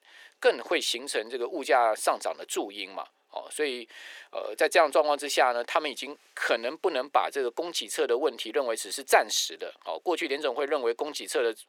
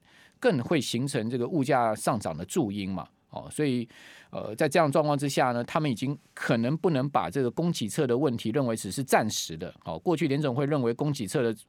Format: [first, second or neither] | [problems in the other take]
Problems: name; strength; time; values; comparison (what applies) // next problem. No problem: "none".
second | thin; very; fading below 400 Hz